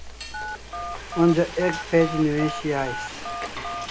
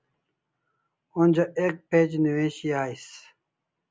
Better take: second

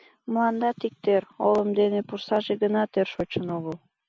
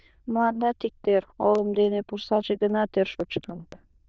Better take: first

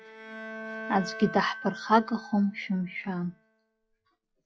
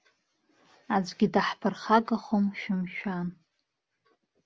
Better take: second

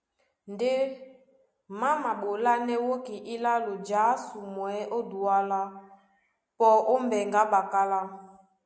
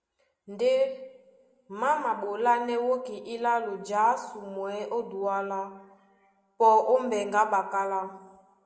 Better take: first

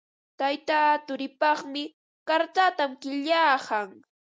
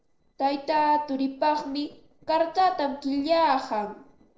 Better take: first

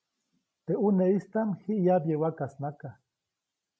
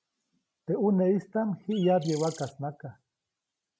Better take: first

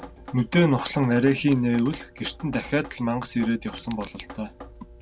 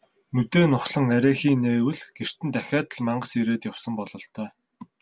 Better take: second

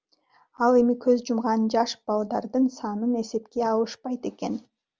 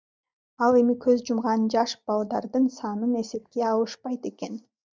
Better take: first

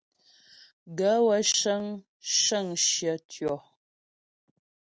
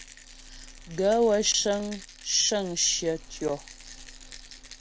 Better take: first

